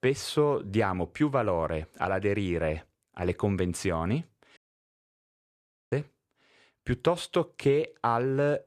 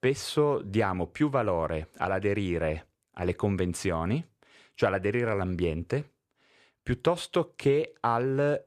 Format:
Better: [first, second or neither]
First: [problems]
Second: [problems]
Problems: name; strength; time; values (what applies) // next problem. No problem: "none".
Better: second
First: audio cutting out; at 4.5 s for 1.5 s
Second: none